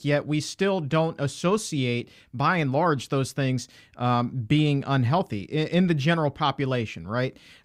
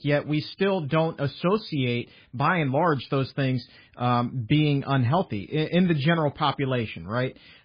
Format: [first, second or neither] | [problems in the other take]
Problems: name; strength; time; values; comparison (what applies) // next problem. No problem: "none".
first | garbled, watery; badly; nothing above 5 kHz